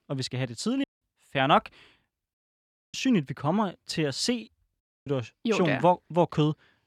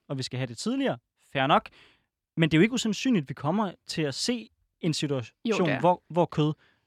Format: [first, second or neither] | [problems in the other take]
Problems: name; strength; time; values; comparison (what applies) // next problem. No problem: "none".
second | audio cutting out; at 1 s, at 2.5 s for 0.5 s and at 5 s